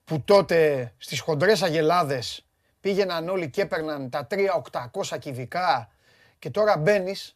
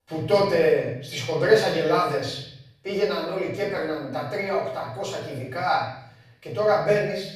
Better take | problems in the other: first | room echo; noticeable; dies away in 0.7 s // off-mic speech; far

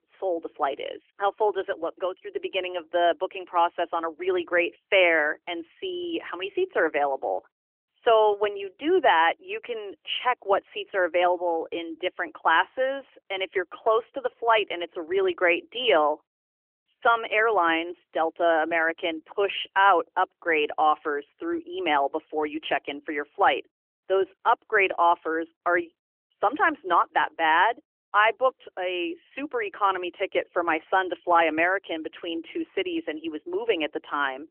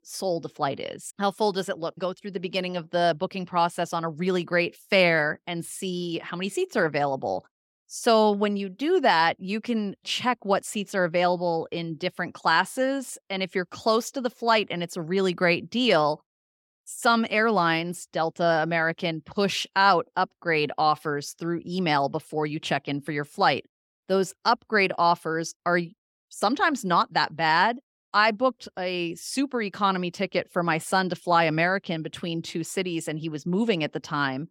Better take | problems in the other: second | phone-call audio; nothing above 3 kHz

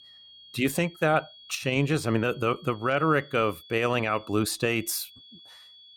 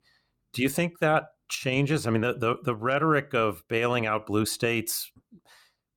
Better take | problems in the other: second | high-pitched whine; faint; throughout; 3.5 kHz, 20 dB below the speech

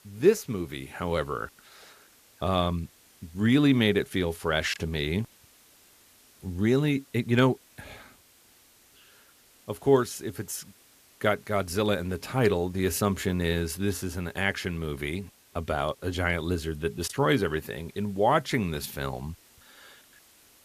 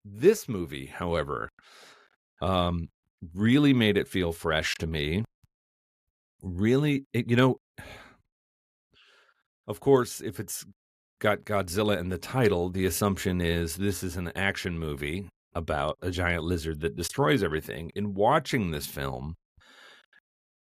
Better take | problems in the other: second | hiss; faint; throughout; 30 dB below the speech

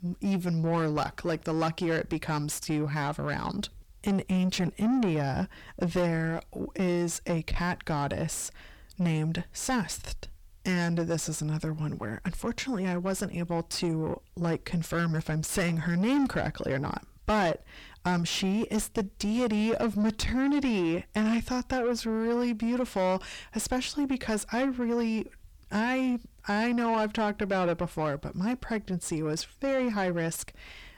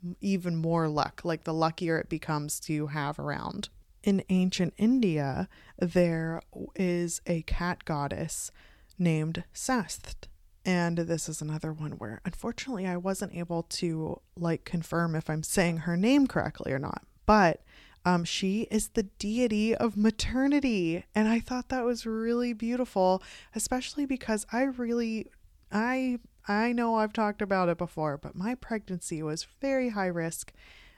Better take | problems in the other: second | distortion; heavy; 7 dB below the speech

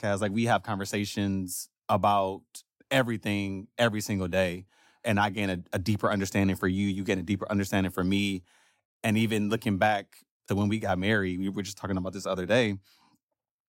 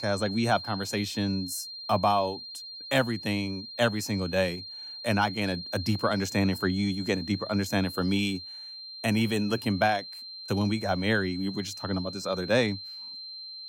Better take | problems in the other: first | high-pitched whine; loud; throughout; 4 kHz, 10 dB below the speech

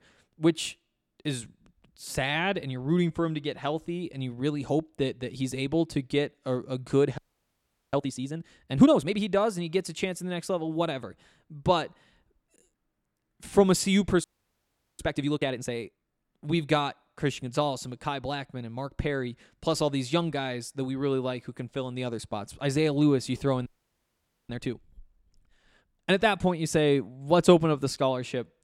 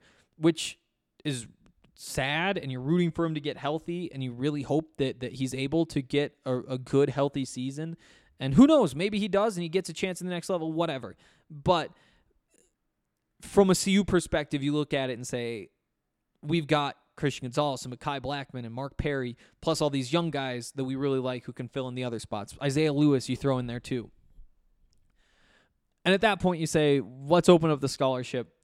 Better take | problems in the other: second | audio freezing; at 7 s for 1 s, at 14 s for 1 s and at 24 s for 1 s

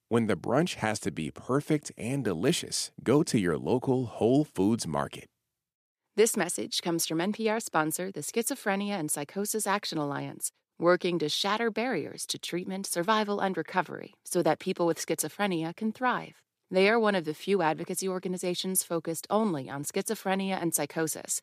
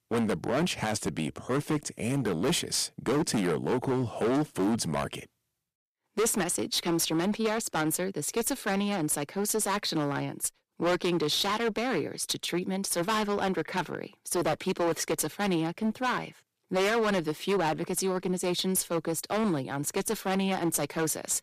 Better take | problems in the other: first | distortion; heavy; 13% of the sound clipped

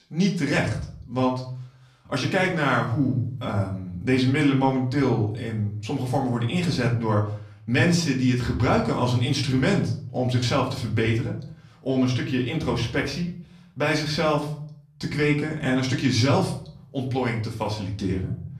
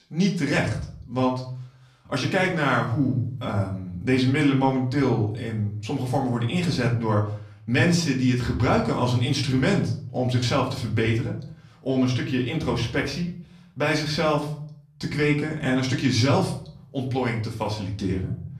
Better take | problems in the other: neither | room echo; slight; dies away in 0.4 s; the same in both // off-mic speech; far; the same in both

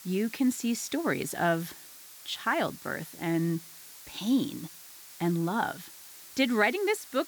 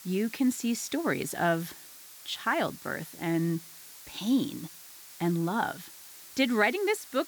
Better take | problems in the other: neither | hiss; noticeable; throughout; 15 dB below the speech; the same in both

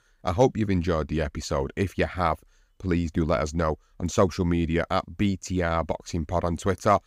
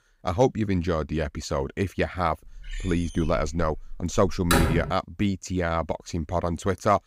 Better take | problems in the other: first | door banging; loud; from 2.5 to 5 s; peak 3 dB above the speech

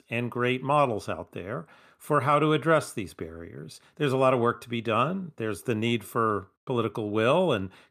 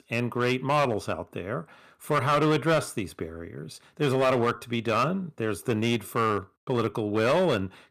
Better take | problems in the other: first | distortion; slight; 6% of the sound clipped

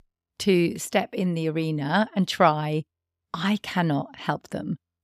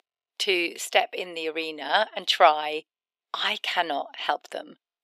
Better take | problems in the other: first | thin; very; fading below 400 Hz

